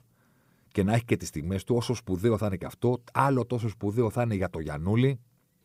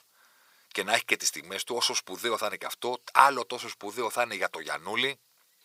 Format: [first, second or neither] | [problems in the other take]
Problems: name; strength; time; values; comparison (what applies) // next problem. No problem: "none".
first | thin; very; fading below 950 Hz